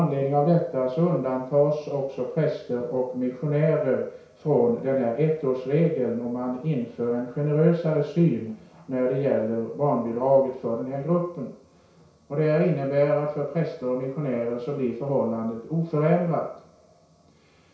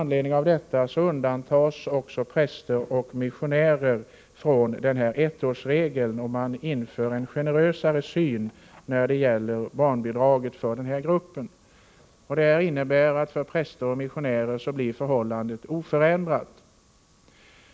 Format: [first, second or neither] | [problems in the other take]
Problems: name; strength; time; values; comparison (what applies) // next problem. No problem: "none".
second | room echo; dies away in 0.6 s